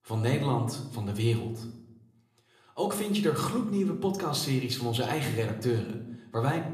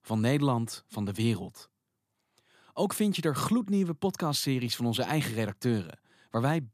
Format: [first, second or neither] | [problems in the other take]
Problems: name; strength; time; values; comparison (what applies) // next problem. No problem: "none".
second | room echo; slight; dies away in 0.7 s